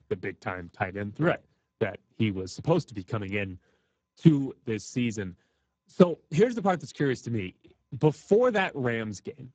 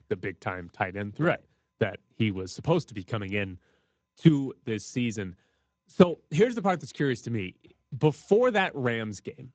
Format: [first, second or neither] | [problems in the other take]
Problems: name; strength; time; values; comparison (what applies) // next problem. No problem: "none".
second | garbled, watery; badly; nothing above 7.5 kHz; slightly in the second